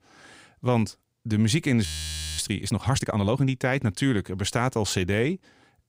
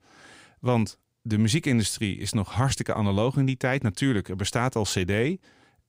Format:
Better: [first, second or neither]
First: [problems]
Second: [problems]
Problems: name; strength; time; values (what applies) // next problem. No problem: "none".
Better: second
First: audio freezing; at 2 s for 0.5 s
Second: none